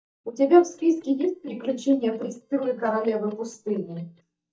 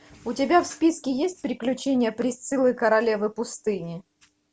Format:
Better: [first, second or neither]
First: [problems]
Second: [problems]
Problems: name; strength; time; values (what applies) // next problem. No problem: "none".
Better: second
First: noise reduction (neural mask model DeepFilterNet 3)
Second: none